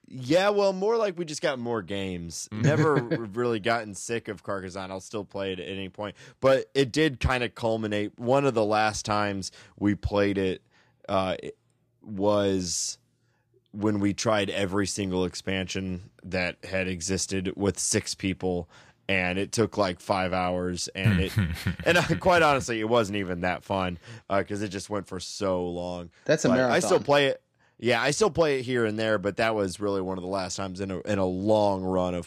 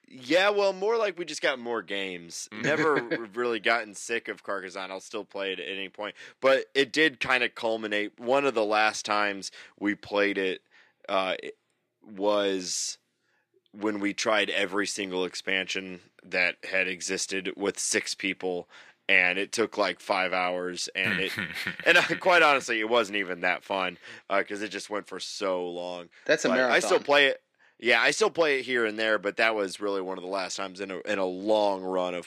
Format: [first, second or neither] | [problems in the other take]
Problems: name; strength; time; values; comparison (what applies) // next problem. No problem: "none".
first | thin; somewhat; fading below 350 Hz